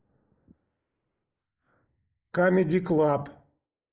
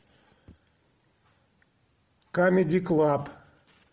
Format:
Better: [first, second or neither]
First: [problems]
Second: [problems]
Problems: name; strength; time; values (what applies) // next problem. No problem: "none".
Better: second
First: noise reduction (neural mask model Resemble Enhance denoiser)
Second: none